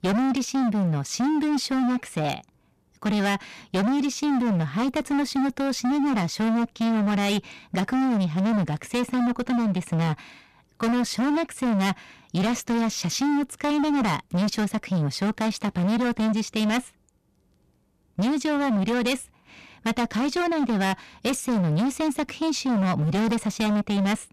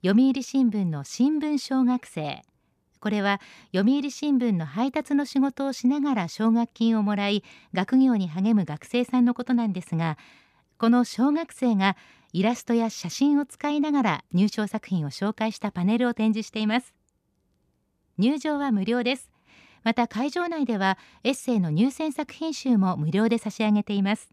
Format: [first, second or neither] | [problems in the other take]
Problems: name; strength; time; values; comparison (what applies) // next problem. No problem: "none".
second | distortion; heavy; 32% of the sound clipped